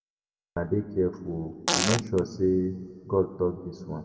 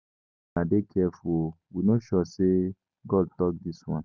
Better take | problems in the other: second | background sound (Fart); as loud as the speech // room echo; dies away in 1.8 s

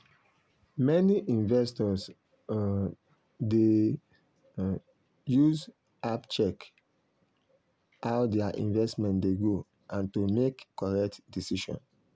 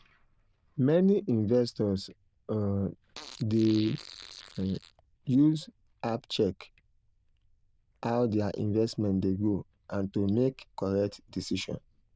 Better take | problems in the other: first | noise reduction (neural diffusion model UNIVERSE++)

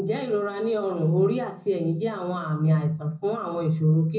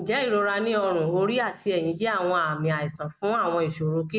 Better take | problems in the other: second | room echo; dies away in 0.4 s

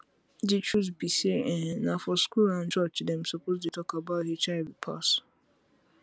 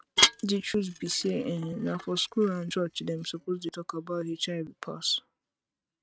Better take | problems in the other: first | noise reduction (neural mask model RNNoise)

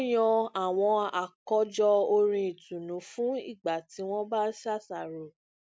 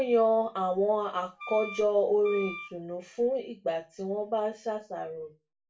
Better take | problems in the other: first | background sound (Wind instrument, woodwind instrument); 13 dB below the speech // room echo; dies away in 0.2 s

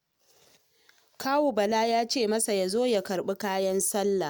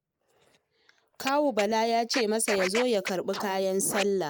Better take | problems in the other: first | noise reduction (neural mask model Resemble Enhance denoiser)

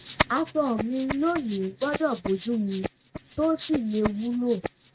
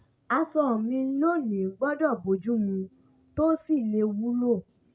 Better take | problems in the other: second | noise reduction (neural mask model RNNoise)

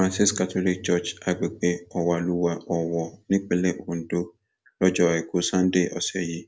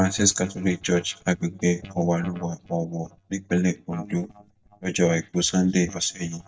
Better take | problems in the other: first | noise reduction (neural mask model DeepFilterNet 3)

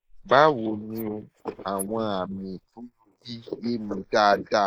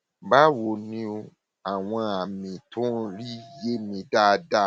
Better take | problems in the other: second | noise reduction (neural mask model Resemble Enhance denoiser)

